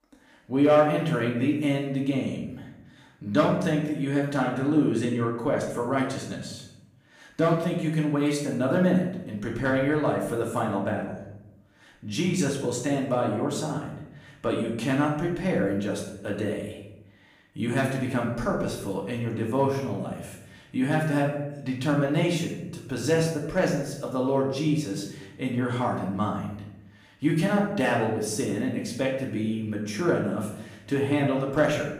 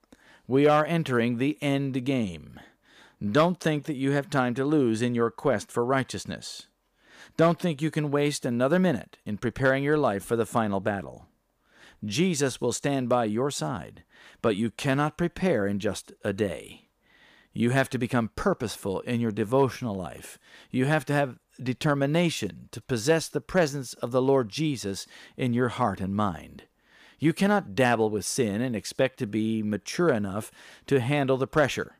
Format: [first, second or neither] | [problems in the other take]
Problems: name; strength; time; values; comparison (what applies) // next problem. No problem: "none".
second | room echo; noticeable; dies away in 0.8 s // off-mic speech; far